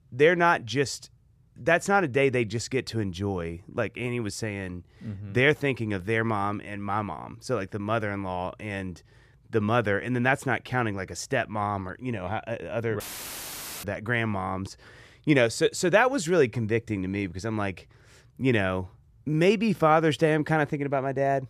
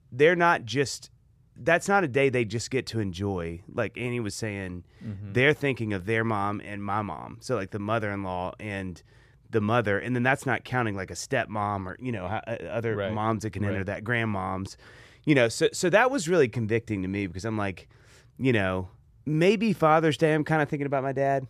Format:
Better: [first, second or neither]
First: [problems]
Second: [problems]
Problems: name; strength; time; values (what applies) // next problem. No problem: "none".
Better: second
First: audio cutting out; filled with static; at 13 s for 1 s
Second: none